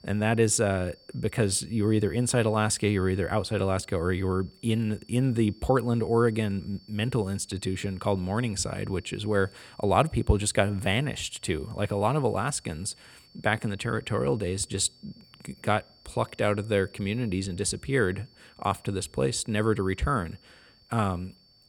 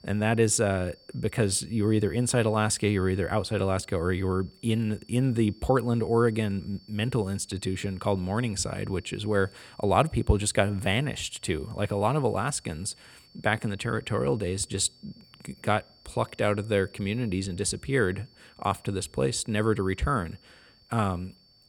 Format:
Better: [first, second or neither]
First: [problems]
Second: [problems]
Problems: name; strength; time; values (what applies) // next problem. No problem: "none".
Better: neither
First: high-pitched whine; faint; throughout; 4.5 kHz, 30 dB below the speech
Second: high-pitched whine; faint; throughout; 4.5 kHz, 30 dB below the speech